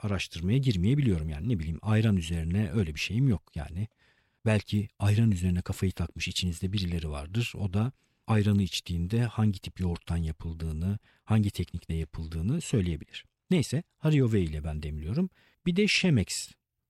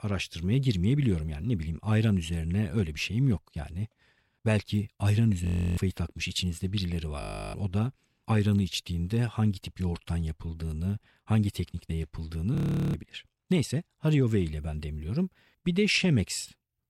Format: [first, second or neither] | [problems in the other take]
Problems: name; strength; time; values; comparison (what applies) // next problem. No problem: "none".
first | audio freezing; at 5.5 s, at 7 s and at 13 s